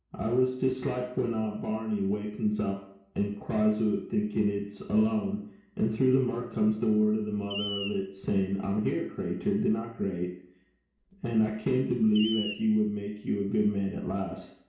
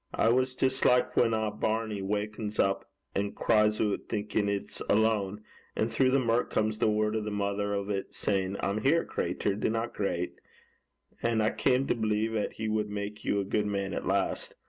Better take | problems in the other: second | background sound (Screech); 15 dB below the speech // room echo; dies away in 0.6 s

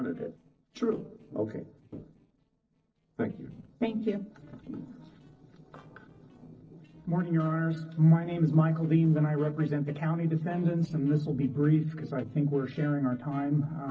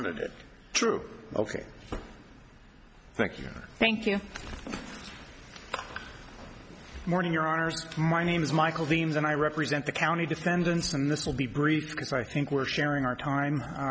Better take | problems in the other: second | noise reduction (neural separator model SepFormer DNS4)

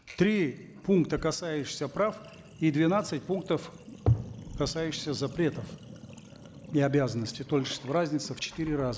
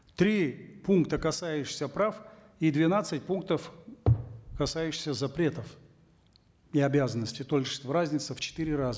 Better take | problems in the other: second | background sound (Sink (filling or washing)); 18 dB below the speech

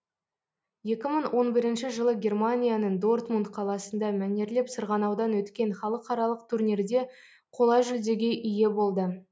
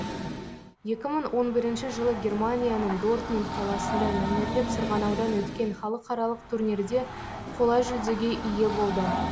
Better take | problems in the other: first | background sound (Train); 5 dB below the speech

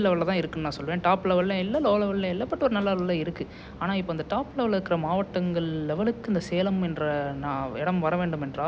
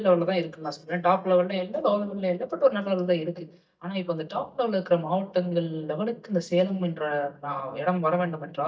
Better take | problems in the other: first | noise reduction (neural mask model DeepFilterNet 3)

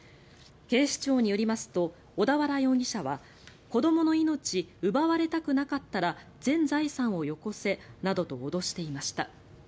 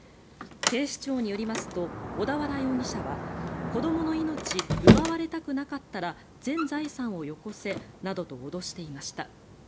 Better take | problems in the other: first | background sound (Sliding door); 2 dB above the speech

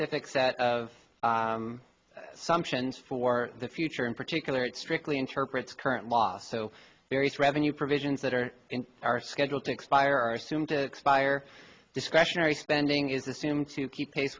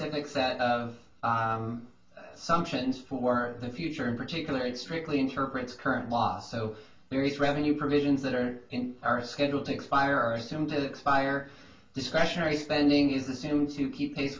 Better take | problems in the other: first | room echo; dies away in 0.3 s

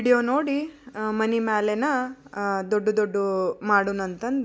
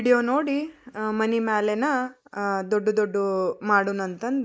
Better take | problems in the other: first | noise reduction (neural mask model Resemble Enhance denoiser)

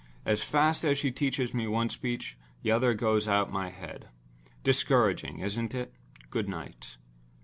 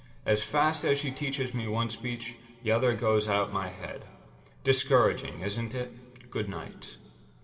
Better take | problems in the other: first | room echo; dies away in 1.8 s

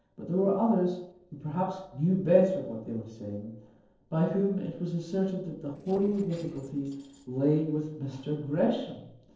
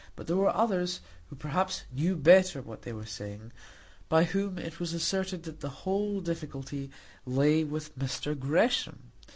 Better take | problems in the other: second | noise reduction (neural separator model SepFormer DNS4)

